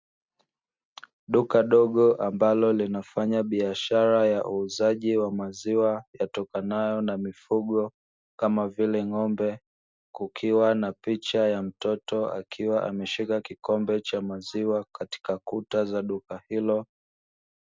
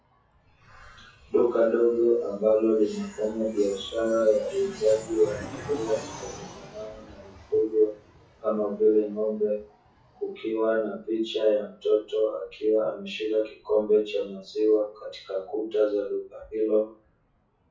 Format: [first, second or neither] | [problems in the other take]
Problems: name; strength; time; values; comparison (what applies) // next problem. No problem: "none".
first | noise reduction (classical method WPE with log-MMSE)